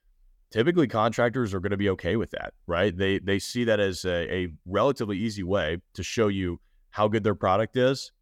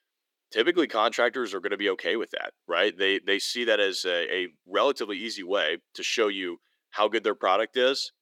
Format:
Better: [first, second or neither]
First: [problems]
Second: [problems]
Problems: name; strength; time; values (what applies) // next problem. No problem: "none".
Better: first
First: none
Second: thin; somewhat; fading below 350 Hz